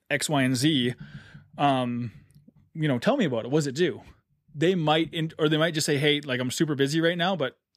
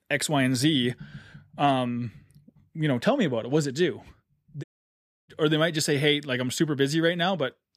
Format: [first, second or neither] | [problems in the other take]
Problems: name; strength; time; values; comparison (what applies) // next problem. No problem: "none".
first | audio cutting out; at 4.5 s for 0.5 s